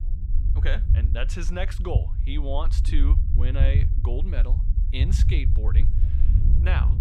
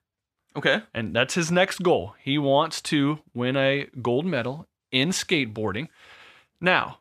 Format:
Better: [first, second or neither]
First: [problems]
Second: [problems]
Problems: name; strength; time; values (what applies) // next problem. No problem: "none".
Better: second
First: low rumble; loud; throughout; 6 dB below the speech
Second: none